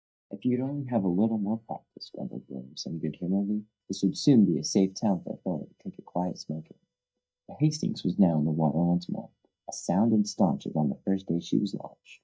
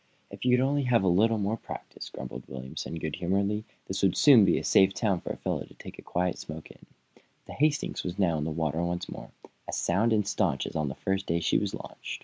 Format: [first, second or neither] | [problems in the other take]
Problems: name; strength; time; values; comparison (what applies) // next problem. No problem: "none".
second | noise reduction (neural mask model DeepFilterNet 3)